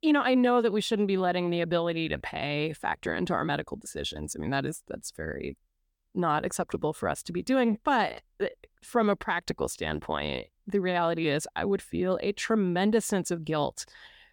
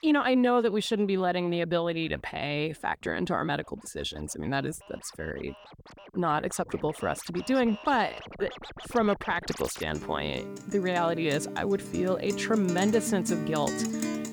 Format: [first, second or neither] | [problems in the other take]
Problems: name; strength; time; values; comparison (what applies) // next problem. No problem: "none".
first | background music; loud; throughout; 9 dB below the speech